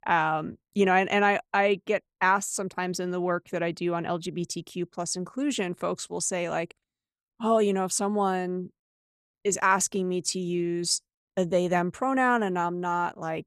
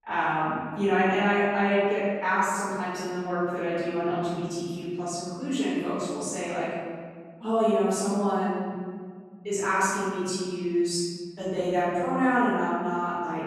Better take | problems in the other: first | off-mic speech; far // room echo; strong; dies away in 1.7 s

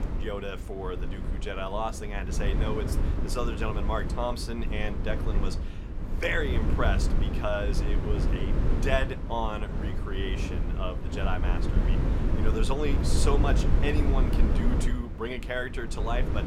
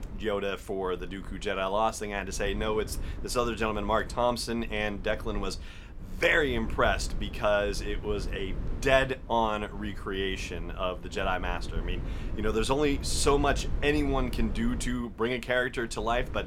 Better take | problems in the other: second | wind noise on the microphone; heavy; 6 dB below the speech; occasional gusts in the second

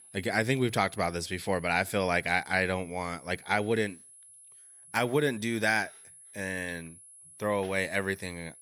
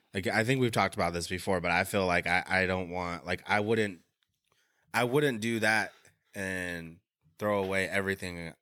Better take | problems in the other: second | high-pitched whine; faint; throughout; 10.5 kHz, 20 dB below the speech

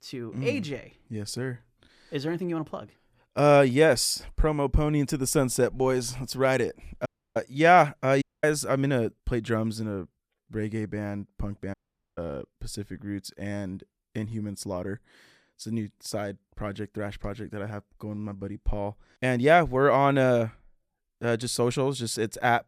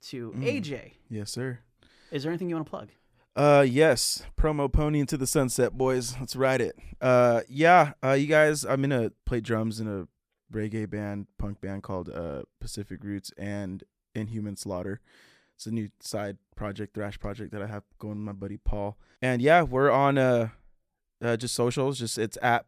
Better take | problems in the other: second | audio cutting out; at 7 s, at 8 s and at 12 s

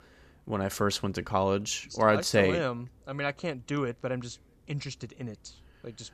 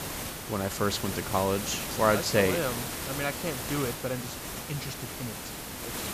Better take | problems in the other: first | hiss; loud; throughout; 5 dB below the speech

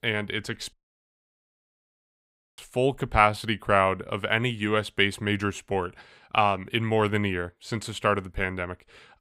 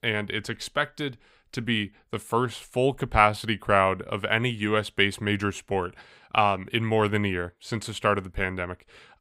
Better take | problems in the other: second | audio cutting out; at 0.5 s for 2 s

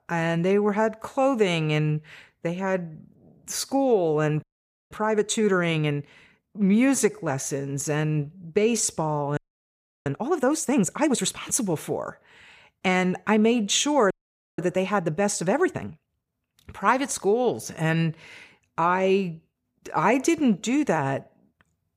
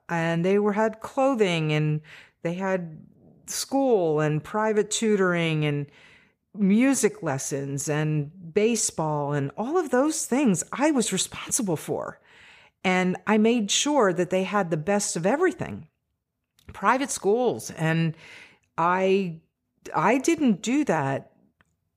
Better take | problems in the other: second | audio freezing; at 4.5 s, at 9.5 s for 0.5 s and at 14 s

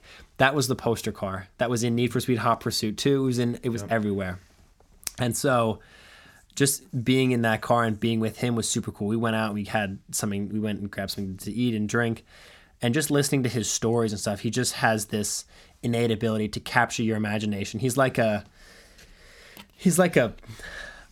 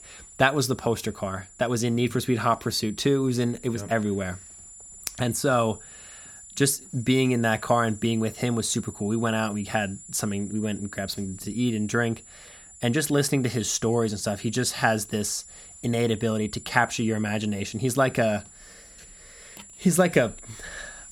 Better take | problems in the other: first | high-pitched whine; noticeable; throughout; 7 kHz, 20 dB below the speech

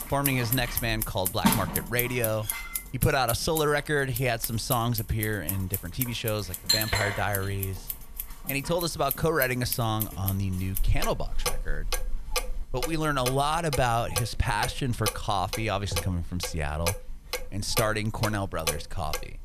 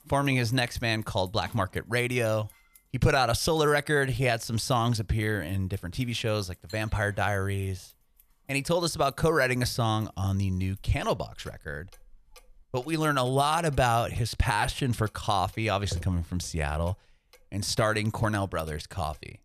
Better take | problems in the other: second | household noises; loud; throughout; 4 dB below the speech; faint in the second

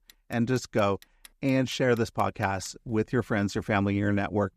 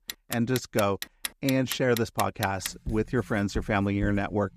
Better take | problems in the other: first | household noises; loud; throughout; 10 dB below the speech; faint in the first

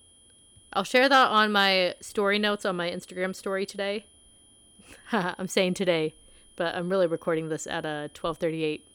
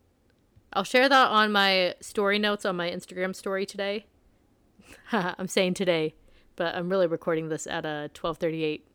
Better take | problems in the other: second | high-pitched whine; faint; throughout; 3 kHz, 30 dB below the speech

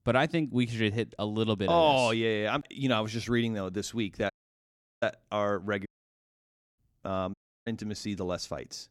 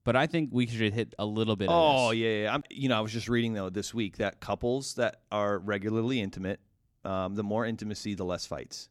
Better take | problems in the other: second | audio cutting out; at 4.5 s for 0.5 s, at 6 s for 1 s and at 7.5 s

